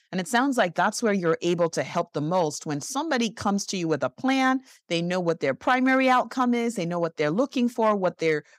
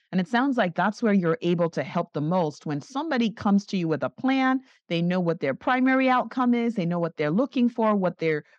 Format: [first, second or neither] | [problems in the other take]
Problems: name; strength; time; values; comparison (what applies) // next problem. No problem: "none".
first | muffled; slightly; fading above 4 kHz